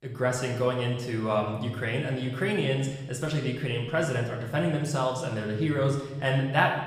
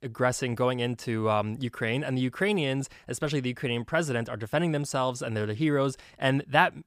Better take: second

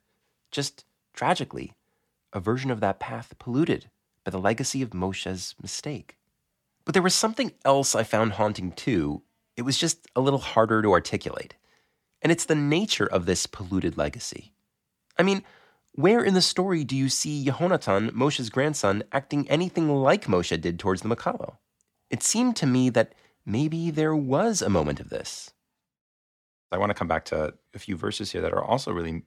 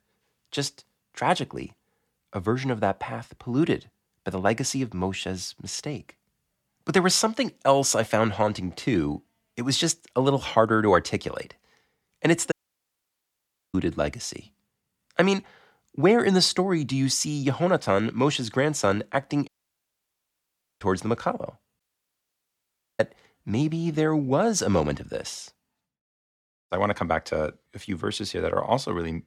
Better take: first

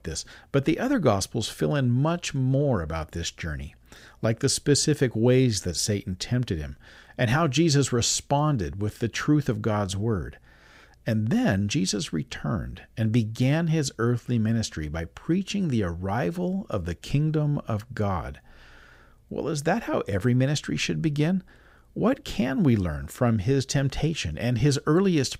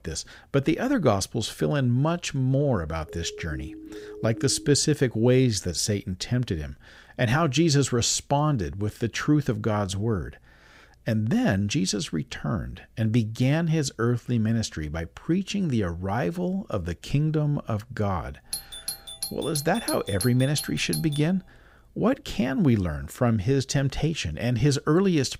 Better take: first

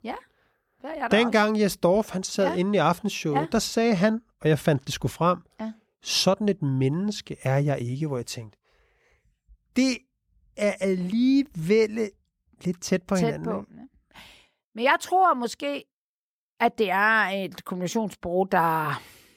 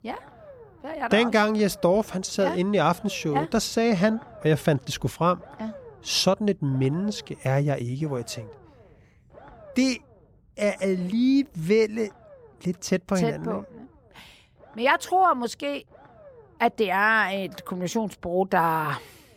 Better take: first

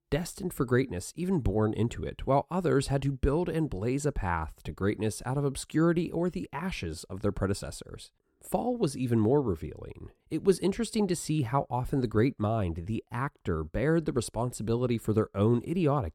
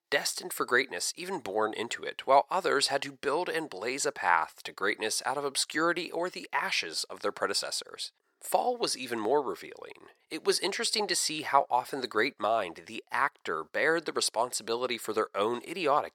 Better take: first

